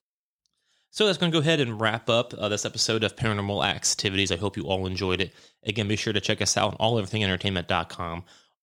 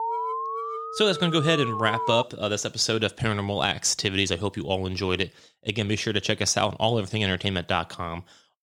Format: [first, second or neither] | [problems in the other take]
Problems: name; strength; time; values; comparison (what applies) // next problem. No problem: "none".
first | alarm; noticeable; until 2 s; peak 3 dB below the speech